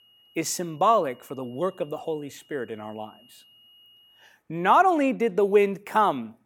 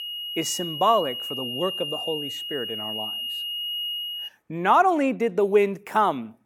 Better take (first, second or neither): first